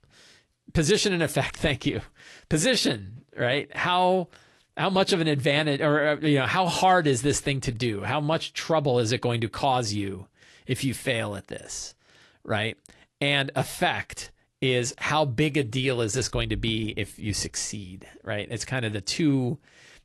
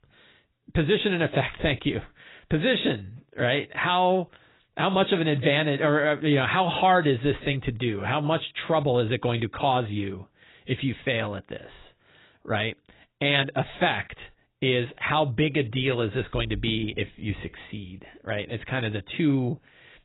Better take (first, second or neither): first